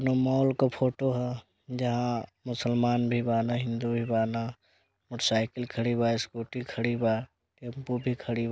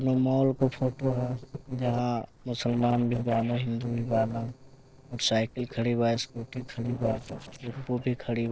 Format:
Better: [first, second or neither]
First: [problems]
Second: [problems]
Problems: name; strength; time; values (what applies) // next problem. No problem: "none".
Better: first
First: none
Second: noise reduction (neural separator model SepFormer DNS4)